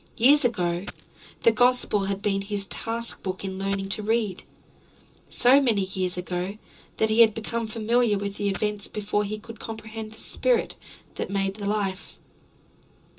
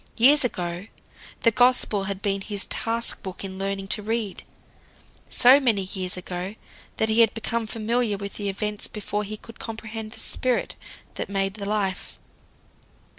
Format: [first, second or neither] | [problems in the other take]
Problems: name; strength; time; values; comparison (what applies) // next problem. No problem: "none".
second | background sound (Coin (dropping)); 15 dB below the speech // room echo; dies away in 0.2 s